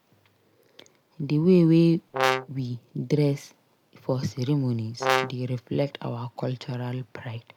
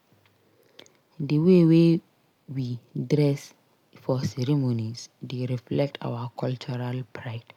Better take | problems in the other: second | background sound (Brass instrument); 1 dB below the speech

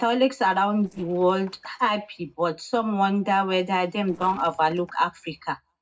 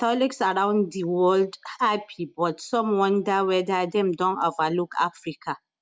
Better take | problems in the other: second | noise reduction (neural separator model SepFormer DNS4)

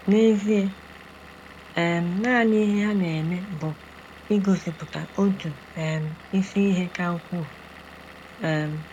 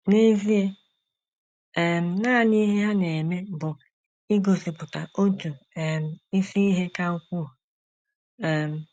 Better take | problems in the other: second | background sound (Engine / Vehicle); 19 dB below the speech

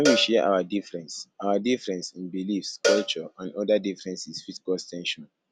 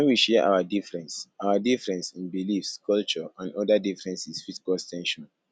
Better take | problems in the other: second | background sound (Cowbell); 4 dB below the speech

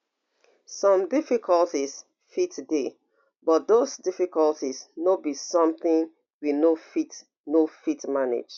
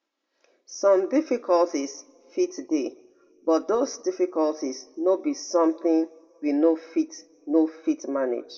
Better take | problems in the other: first | room echo; dies away in 1.1 s

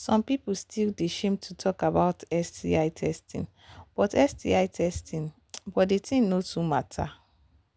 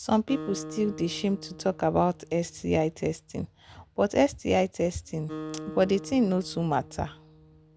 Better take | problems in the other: first | background sound (Acoustic guitar); 15 dB below the speech

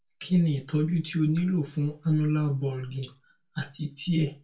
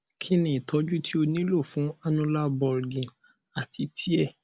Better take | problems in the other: second | room echo; dies away in 0.2 s

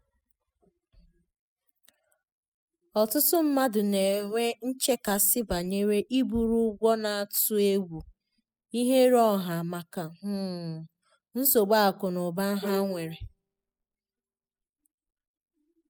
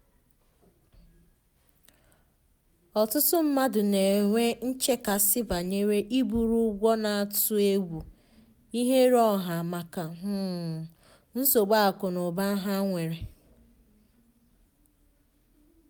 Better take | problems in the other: second | noise reduction (classical method spectral subtraction)

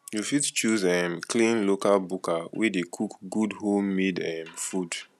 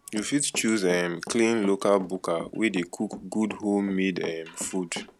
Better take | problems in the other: first | background sound (Run); 16 dB below the speech

